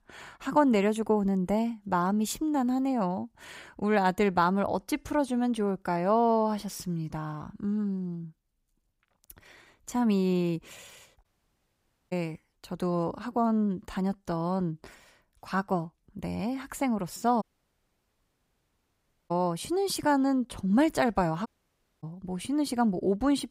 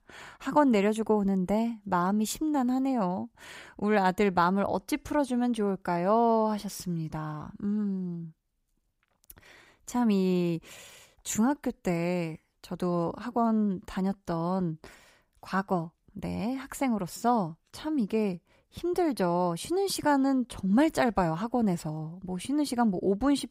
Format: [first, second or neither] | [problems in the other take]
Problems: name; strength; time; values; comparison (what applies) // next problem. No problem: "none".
second | audio cutting out; at 11 s for 1 s, at 17 s for 2 s and at 21 s for 0.5 s